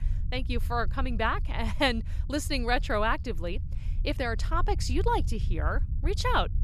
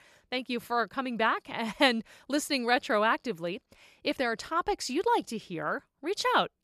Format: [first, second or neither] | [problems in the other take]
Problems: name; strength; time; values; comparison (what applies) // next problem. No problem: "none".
second | low rumble; faint; throughout; 20 dB below the speech